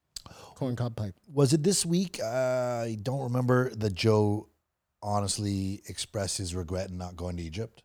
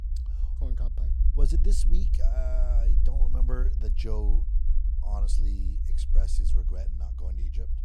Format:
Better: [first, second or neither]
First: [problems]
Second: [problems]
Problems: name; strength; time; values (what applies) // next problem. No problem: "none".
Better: first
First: none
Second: low rumble; loud; throughout; 6 dB below the speech